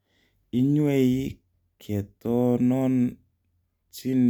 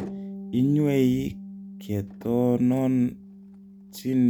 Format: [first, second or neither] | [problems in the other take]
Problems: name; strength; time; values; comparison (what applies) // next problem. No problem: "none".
first | background sound (Bass guitar + Motor vehicle (road)); 15 dB below the speech